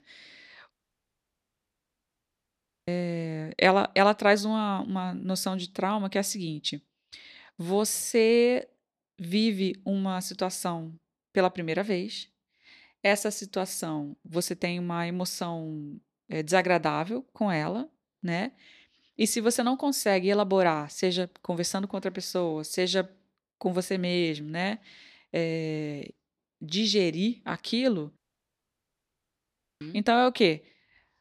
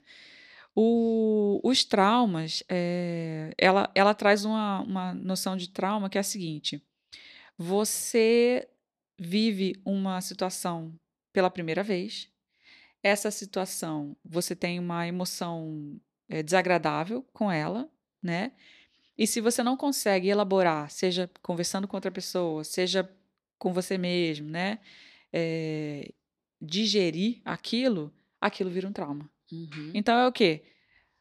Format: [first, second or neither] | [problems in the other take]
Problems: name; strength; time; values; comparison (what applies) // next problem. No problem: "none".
second | audio cutting out; at 0.5 s for 2 s and at 28 s for 1.5 s